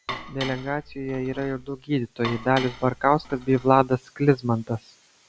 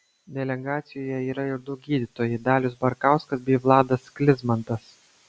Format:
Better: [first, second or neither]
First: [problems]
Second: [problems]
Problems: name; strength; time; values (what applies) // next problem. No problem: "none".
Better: second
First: background sound (Dishes, pots, and pans); 14 dB below the speech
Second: none